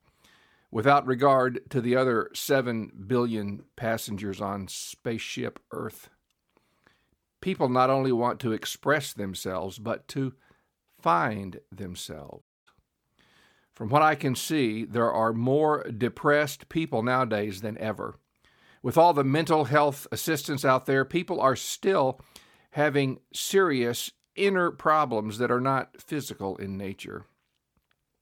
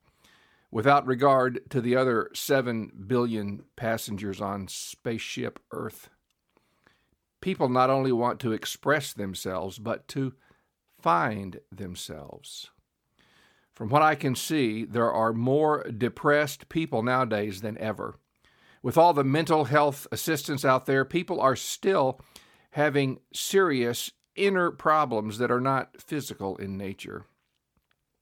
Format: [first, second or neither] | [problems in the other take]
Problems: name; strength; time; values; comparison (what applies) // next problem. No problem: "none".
second | audio cutting out; at 12 s